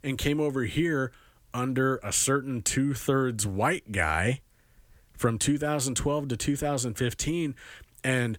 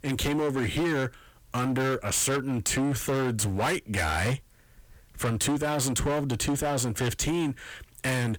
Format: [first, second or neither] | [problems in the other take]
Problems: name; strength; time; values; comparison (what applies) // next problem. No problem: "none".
first | distortion; heavy; 21% of the sound clipped